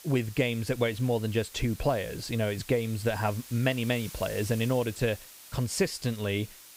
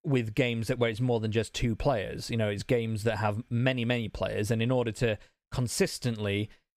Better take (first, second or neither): second